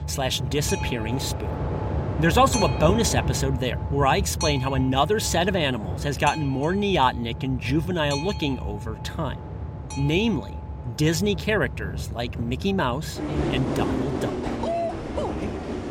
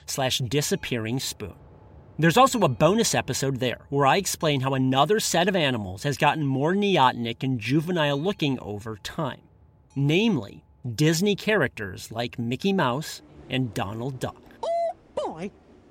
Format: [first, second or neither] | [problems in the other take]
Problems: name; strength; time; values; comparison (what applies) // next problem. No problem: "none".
second | train or aircraft noise; loud; throughout; 5 dB below the speech; faint in the second